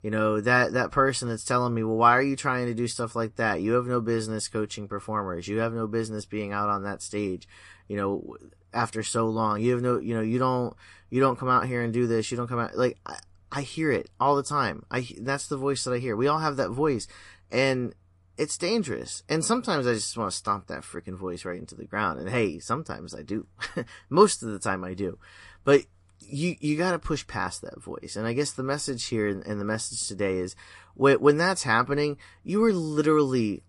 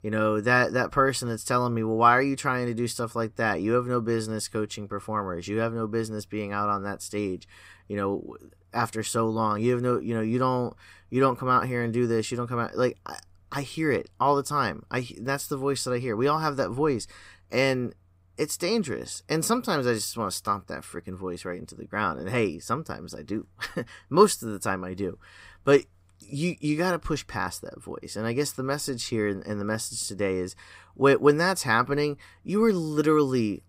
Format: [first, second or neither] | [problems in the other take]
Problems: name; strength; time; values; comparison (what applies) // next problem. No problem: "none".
second | garbled, watery; slightly; nothing above 10 kHz